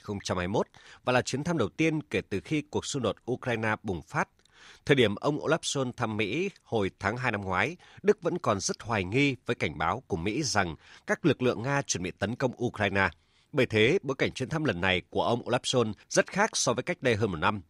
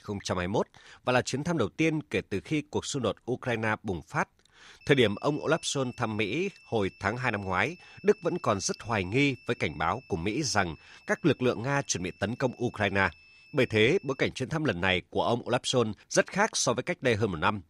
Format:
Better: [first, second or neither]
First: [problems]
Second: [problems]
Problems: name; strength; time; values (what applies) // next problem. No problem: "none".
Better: first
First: none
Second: high-pitched whine; faint; from 5 to 14 s; 2.5 kHz, 25 dB below the speech